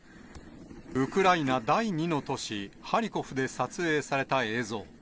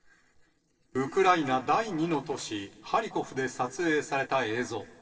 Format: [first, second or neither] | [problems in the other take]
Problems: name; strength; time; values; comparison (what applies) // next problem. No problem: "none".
first | noise reduction (neural separator model SepFormer DNS4)